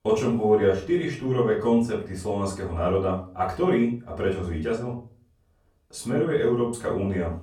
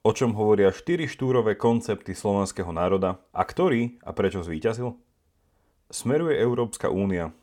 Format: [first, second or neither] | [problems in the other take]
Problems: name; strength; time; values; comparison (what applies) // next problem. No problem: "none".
second | off-mic speech; far // room echo; slight; dies away in 0.3 s